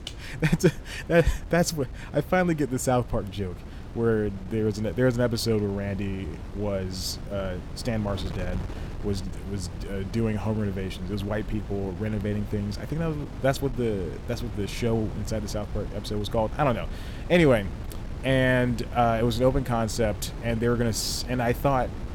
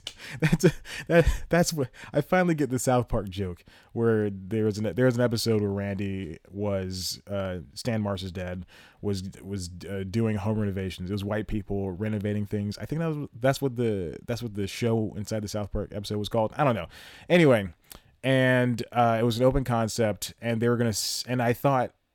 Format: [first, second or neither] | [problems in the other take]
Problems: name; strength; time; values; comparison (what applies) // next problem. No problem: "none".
second | wind noise on the microphone; occasional gusts; 15 dB below the speech